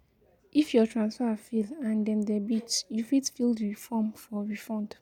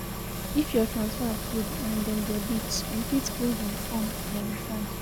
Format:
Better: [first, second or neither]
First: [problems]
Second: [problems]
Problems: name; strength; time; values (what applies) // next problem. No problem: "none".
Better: first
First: none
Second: background sound (Engine); 2 dB below the speech